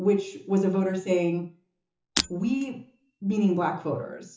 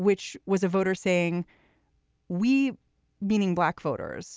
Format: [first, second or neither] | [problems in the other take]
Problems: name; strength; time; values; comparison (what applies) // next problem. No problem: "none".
second | noise reduction (classical method WPE with log-MMSE)